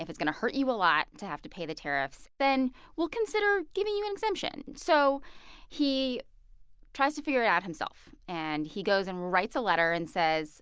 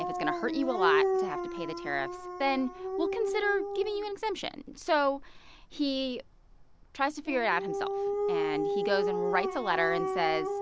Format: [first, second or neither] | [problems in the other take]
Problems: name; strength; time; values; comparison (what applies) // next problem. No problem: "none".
first | background sound (Dog); 1 dB below the speech